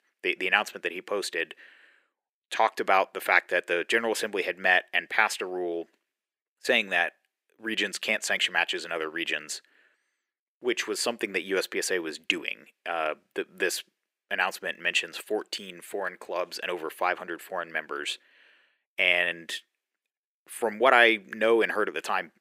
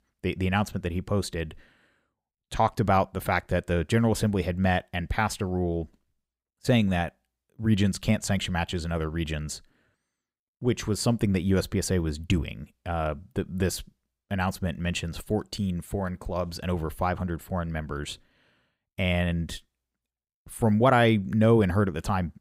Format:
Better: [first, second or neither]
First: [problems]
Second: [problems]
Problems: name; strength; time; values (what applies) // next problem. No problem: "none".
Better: second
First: thin; very; fading below 350 Hz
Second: none